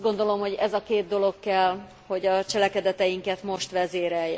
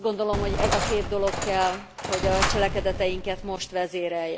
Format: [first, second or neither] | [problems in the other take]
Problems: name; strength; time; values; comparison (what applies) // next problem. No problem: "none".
first | background sound (Boom + Engine); 2 dB below the speech